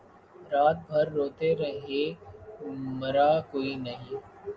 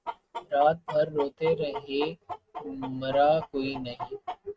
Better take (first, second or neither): first